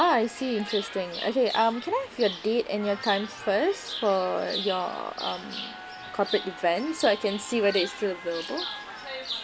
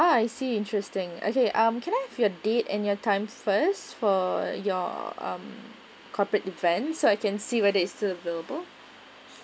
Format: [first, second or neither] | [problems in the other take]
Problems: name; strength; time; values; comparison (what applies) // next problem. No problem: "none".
second | background sound (Chirp, tweet); 10 dB below the speech